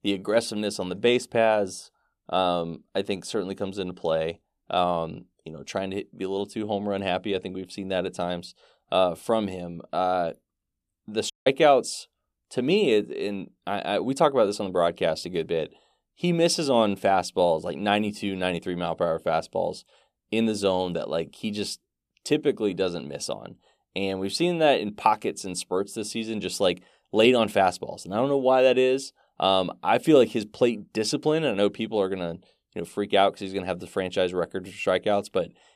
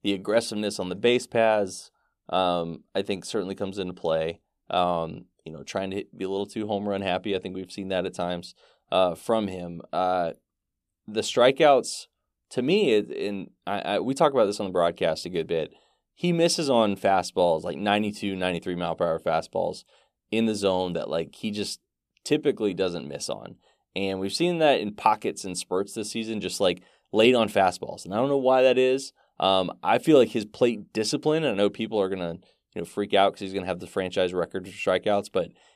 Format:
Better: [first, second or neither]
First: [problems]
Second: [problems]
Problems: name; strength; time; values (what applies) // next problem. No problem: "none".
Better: second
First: audio cutting out; at 11 s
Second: none